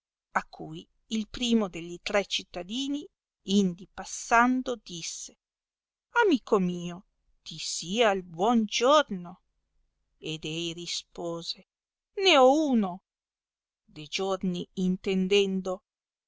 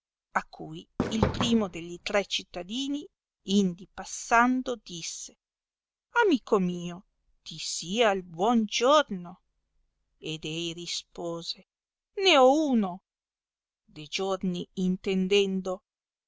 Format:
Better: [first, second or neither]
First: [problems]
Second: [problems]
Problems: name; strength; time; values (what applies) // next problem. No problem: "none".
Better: first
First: none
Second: background sound (Fireworks); 4 dB below the speech